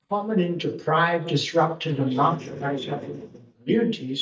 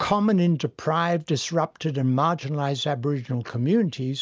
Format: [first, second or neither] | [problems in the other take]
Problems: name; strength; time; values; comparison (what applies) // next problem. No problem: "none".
second | noise reduction (neural mask model DeepFilterNet 3)